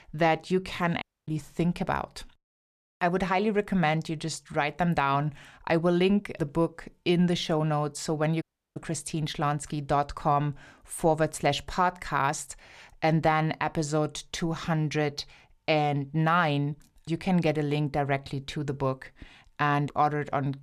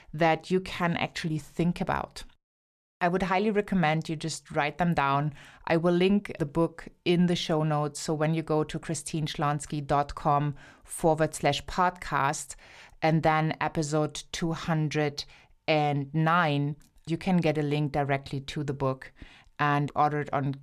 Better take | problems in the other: second | audio cutting out; at 1 s and at 8.5 s

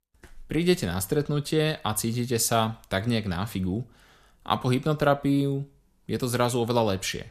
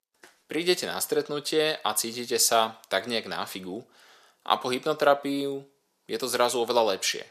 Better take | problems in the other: first | thin; somewhat; fading below 450 Hz

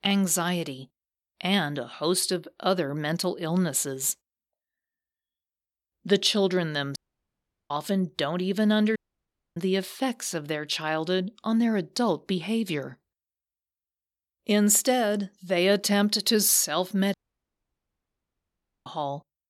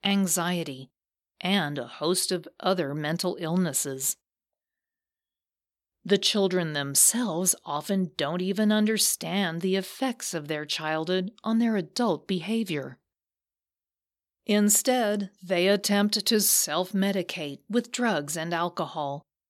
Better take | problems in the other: second | audio cutting out; at 7 s for 0.5 s, at 9 s for 0.5 s and at 17 s for 1.5 s

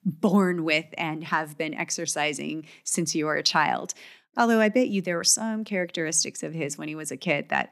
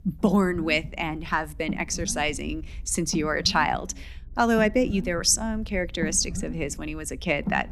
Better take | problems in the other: first | low rumble; noticeable; throughout; 20 dB below the speech

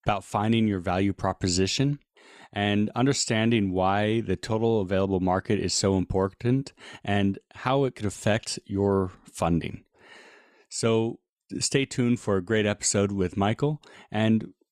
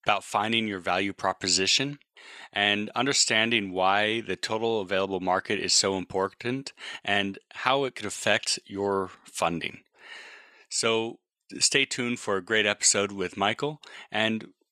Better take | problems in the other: first | thin; somewhat; fading below 700 Hz

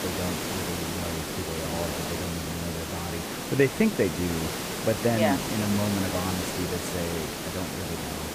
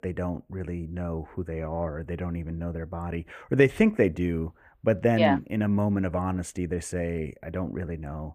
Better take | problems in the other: second | hiss; loud; throughout; 1 dB below the speech

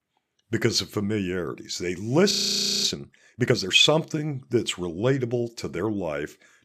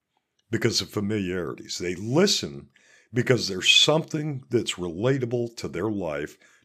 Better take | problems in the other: second | audio freezing; at 2.5 s for 0.5 s

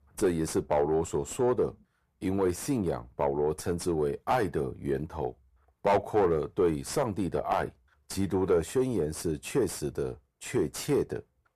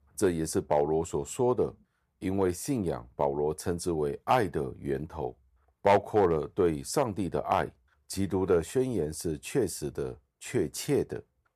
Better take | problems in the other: second | distortion; slight; 10 dB below the speech

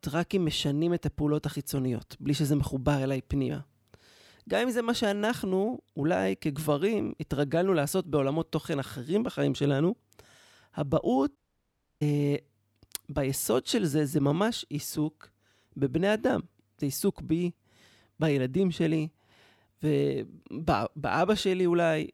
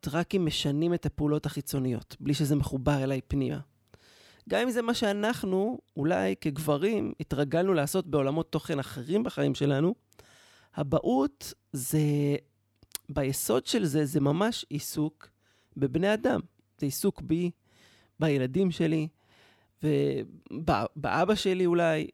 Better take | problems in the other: second | audio cutting out; at 11 s for 0.5 s

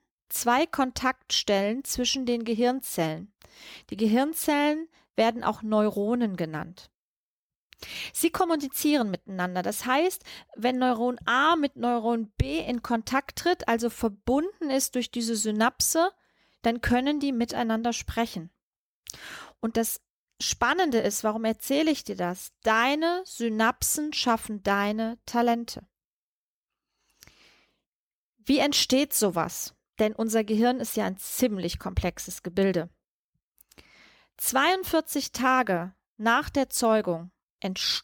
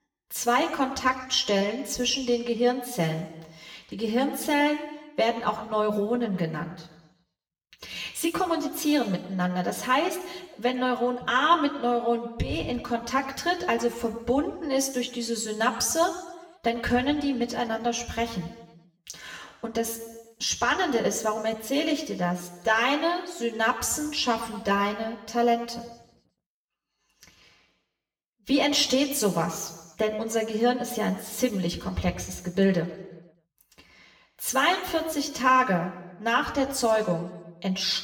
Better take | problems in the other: first | room echo; slight; dies away in 1 s // off-mic speech; somewhat distant

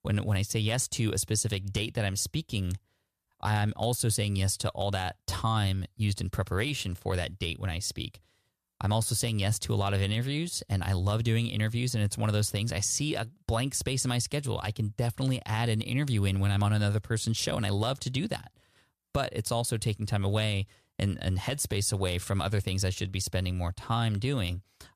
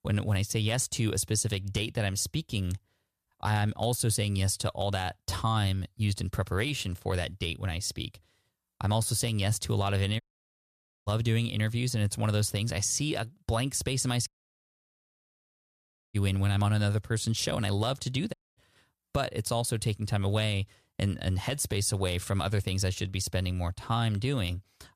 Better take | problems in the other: first | audio cutting out; at 10 s for 1 s, at 14 s for 2 s and at 18 s

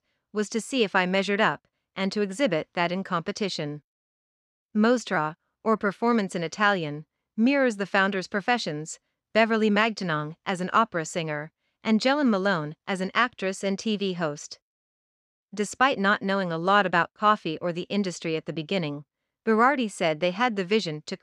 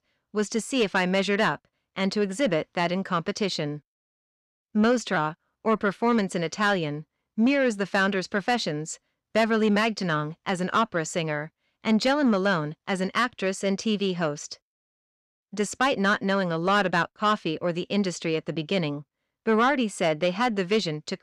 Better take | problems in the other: first | distortion; slight; 10 dB below the speech

